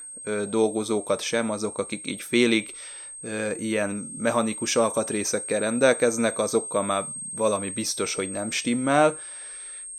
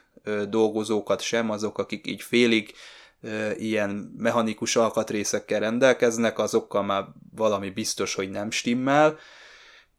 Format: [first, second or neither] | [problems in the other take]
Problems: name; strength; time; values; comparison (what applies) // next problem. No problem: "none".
second | high-pitched whine; loud; throughout; 8.5 kHz, 9 dB below the speech